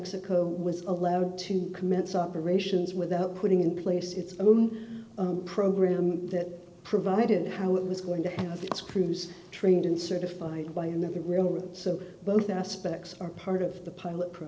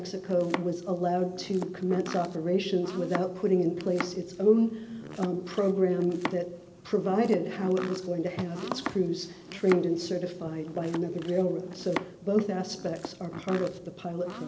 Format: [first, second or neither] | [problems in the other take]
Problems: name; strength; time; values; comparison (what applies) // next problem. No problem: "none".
first | background sound (Domestic sounds, home sounds); 13 dB below the speech